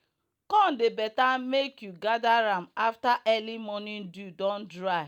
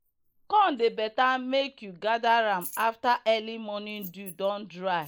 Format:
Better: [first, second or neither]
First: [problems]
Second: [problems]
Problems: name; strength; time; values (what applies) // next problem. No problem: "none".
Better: first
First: none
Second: noise reduction (neural mask model Resemble Enhance denoiser)